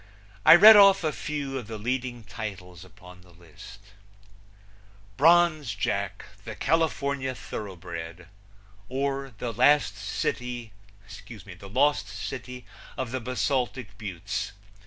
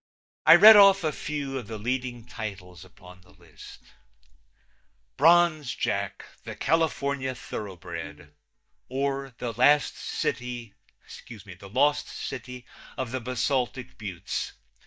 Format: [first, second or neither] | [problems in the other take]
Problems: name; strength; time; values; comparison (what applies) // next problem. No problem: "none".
first | noise reduction (neural mask model DeepFilterNet 3)